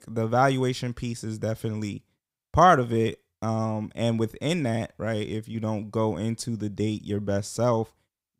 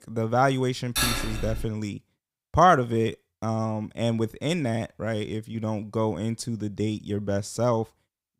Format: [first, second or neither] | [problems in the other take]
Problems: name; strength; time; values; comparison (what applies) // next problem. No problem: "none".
first | clattering dishes; loud; at 1 s; peak 2 dB above the speech